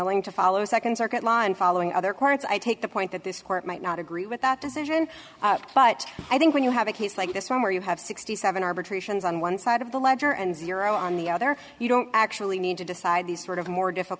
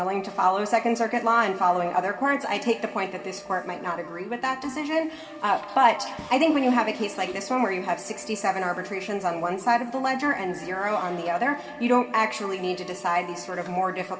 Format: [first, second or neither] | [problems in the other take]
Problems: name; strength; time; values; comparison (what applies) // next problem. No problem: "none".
first | background sound (Wind instrument, woodwind instrument); 19 dB below the speech // room echo; dies away in 2.3 s